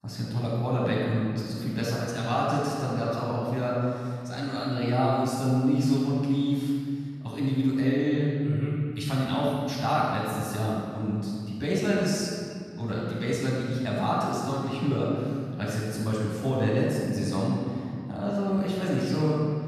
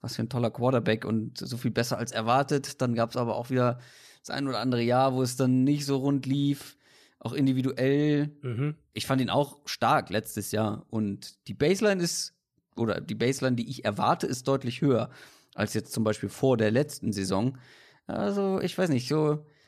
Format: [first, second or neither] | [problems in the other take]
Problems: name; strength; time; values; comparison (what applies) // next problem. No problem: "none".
second | off-mic speech; far // room echo; strong; dies away in 2.1 s